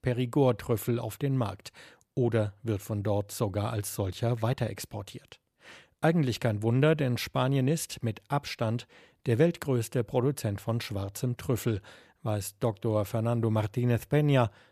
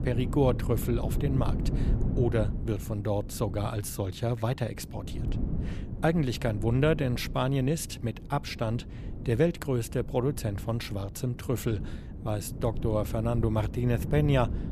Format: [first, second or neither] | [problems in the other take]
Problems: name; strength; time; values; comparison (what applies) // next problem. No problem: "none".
first | wind noise on the microphone; occasional gusts; 15 dB below the speech